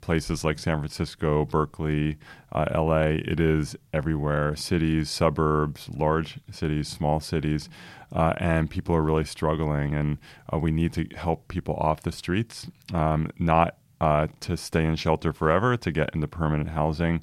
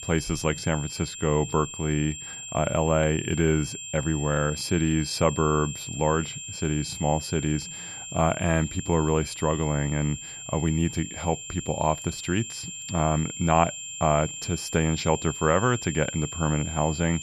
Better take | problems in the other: first | high-pitched whine; loud; throughout; 7.5 kHz, 9 dB below the speech

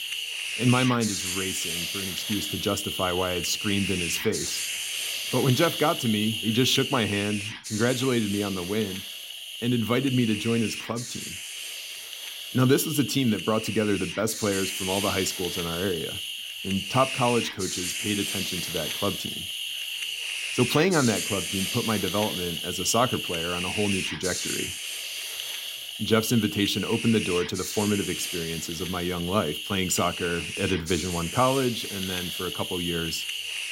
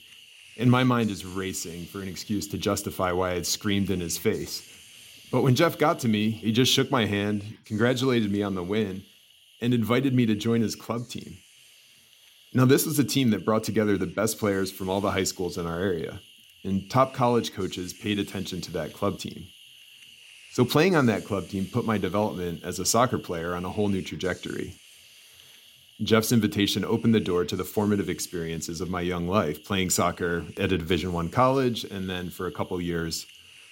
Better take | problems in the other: second | hiss; loud; throughout; 3 dB below the speech; faint in the second

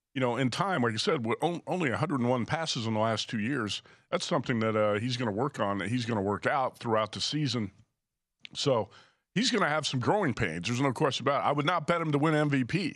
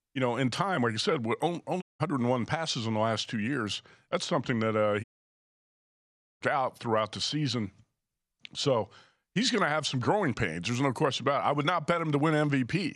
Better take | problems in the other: first | audio cutting out; at 2 s and at 5 s for 1.5 s

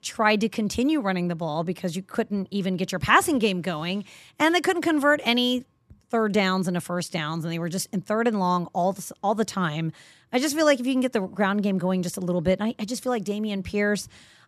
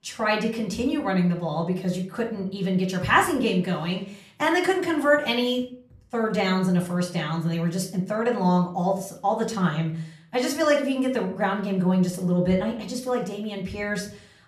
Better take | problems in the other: first | off-mic speech; far // room echo; slight; dies away in 0.4 s

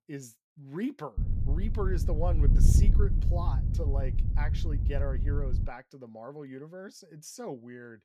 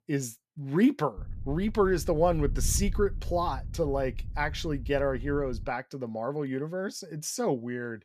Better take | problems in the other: second | wind noise on the microphone; heavy; from 1 to 5.5 s; 4 dB below the speech; occasional gusts in the second

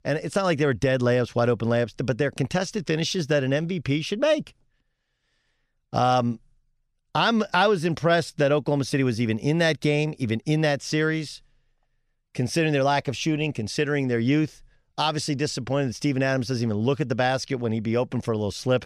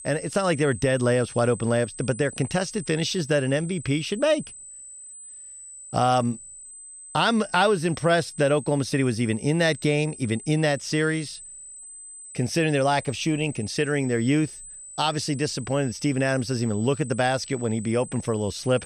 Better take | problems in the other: first | high-pitched whine; noticeable; throughout; 8 kHz, 15 dB below the speech

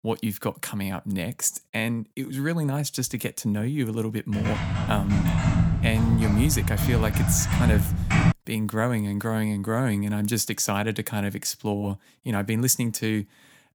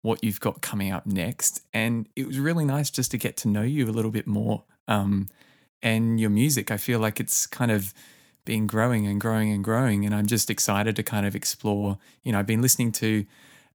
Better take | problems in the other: second | keyboard typing; loud; from 4.5 to 8.5 s; peak 5 dB above the speech

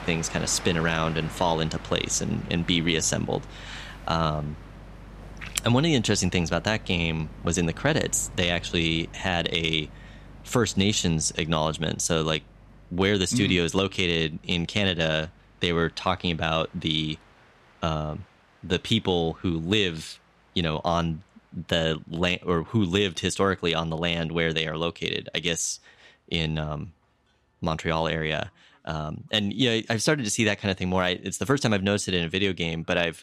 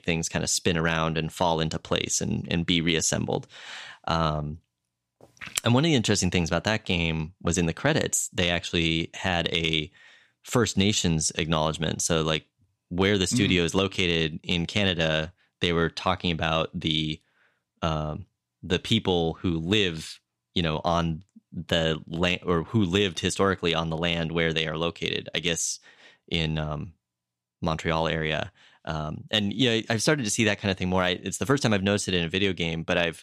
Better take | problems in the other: second | train or aircraft noise; noticeable; throughout; 20 dB below the speech

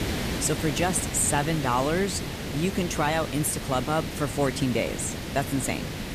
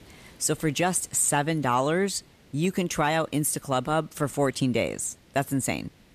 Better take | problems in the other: second | hiss; loud; throughout; 5 dB below the speech; faint in the second

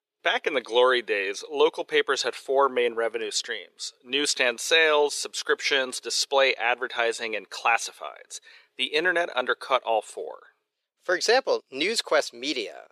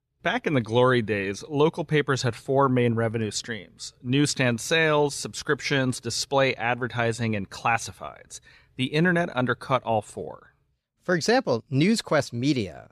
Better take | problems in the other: second | thin; very; fading below 400 Hz

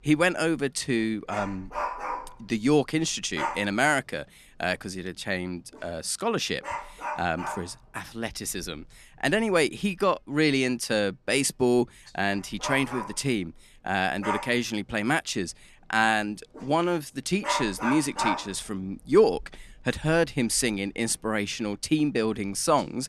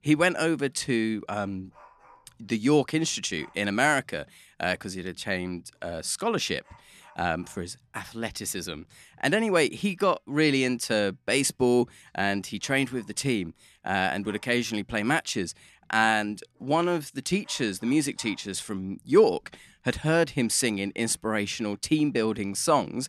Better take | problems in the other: second | animal sounds; loud; throughout; 7 dB below the speech; faint in the second

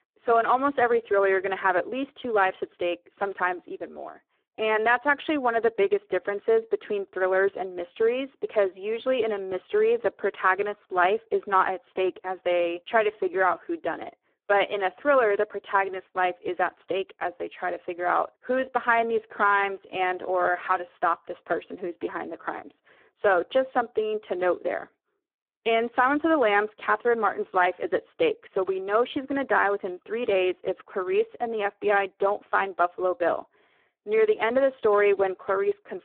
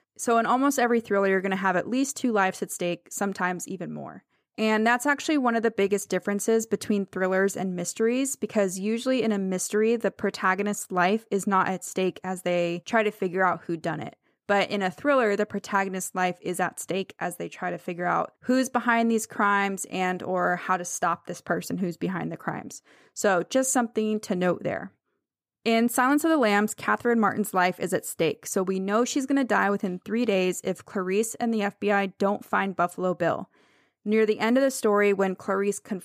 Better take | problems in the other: second | phone-call audio; poor line

